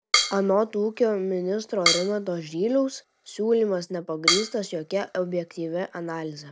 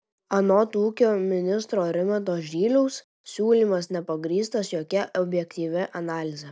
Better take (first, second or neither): second